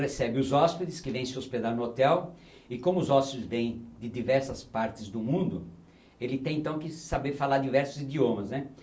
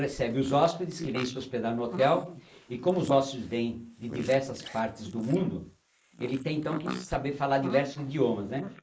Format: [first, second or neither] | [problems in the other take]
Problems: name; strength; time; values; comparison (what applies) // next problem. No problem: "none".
first | noise reduction (neural mask model Resemble Enhance denoiser)